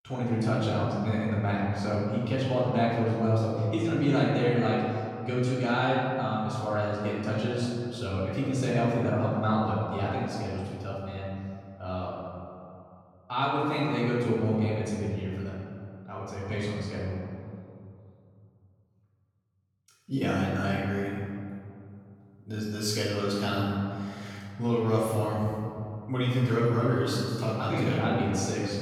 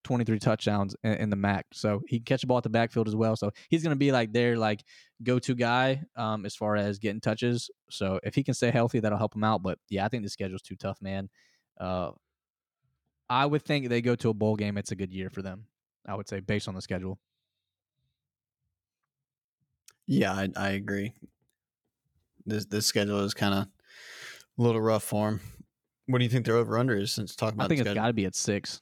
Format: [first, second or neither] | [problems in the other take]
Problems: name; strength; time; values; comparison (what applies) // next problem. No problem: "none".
second | room echo; strong; dies away in 2.4 s // off-mic speech; far